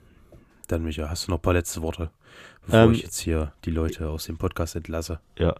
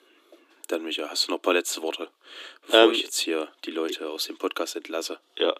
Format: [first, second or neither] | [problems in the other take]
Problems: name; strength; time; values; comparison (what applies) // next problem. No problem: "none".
first | thin; very; fading below 300 Hz